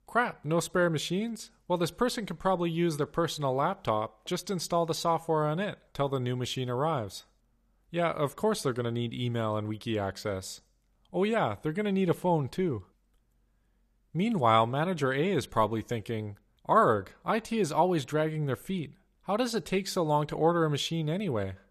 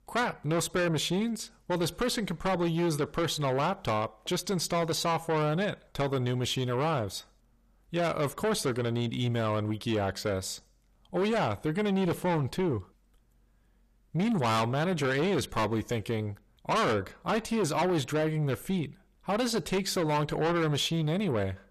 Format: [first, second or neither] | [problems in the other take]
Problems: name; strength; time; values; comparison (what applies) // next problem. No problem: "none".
first | distortion; heavy; 7 dB below the speech